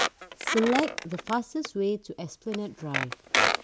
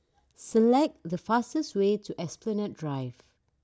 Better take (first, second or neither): second